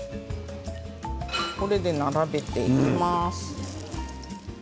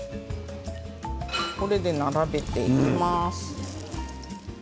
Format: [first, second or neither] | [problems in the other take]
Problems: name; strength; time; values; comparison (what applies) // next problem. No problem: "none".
first | background sound (Wind); 11 dB below the speech